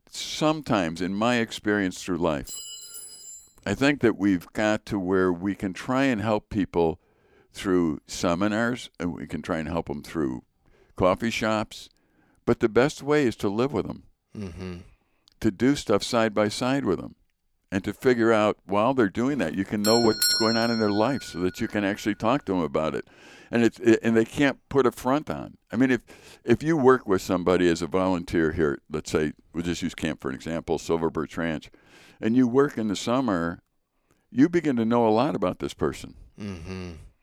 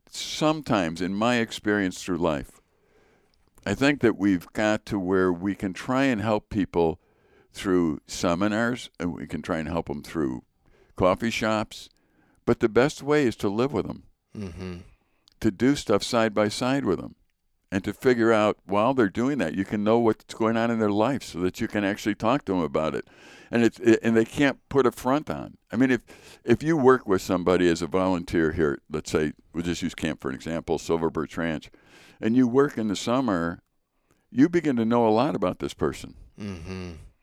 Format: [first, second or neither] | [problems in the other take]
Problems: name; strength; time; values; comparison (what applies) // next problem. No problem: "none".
second | clattering dishes; faint; at 2.5 s; peak 10 dB below the speech // doorbell; loud; from 20 to 21 s; peak 4 dB above the speech